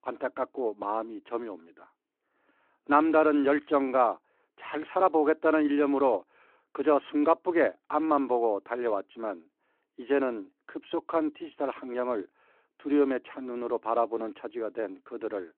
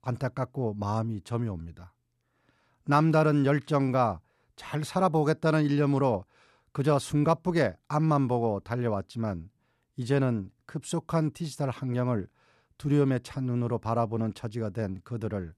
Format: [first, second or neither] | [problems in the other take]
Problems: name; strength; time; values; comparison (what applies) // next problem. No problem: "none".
second | phone-call audio